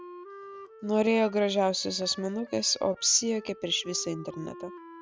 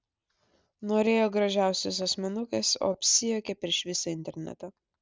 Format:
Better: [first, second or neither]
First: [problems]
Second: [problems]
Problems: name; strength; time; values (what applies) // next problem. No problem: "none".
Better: second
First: background sound (Wind instrument, woodwind instrument); 18 dB below the speech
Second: none